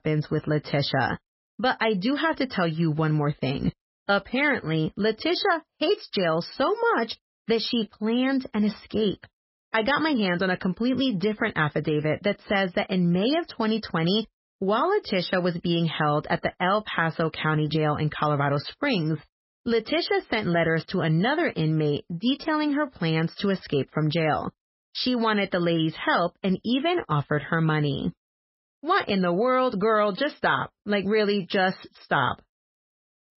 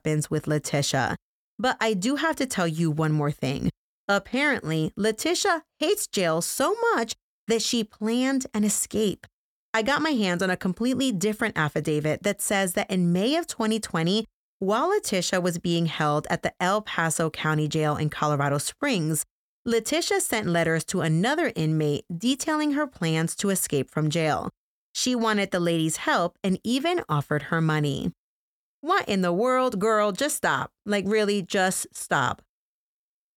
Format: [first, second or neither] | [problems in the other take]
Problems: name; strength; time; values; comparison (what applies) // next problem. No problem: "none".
second | garbled, watery; badly; nothing above 5.5 kHz